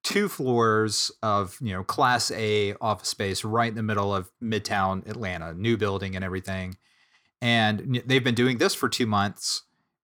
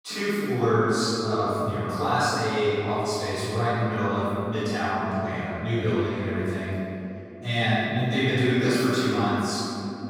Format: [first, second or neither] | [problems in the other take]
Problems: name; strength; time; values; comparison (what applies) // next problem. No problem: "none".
first | off-mic speech; far // room echo; strong; dies away in 2.9 s